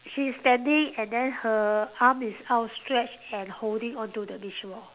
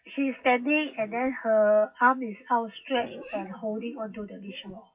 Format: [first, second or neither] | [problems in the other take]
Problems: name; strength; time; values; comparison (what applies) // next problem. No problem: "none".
first | noise reduction (classical method WPE with log-MMSE)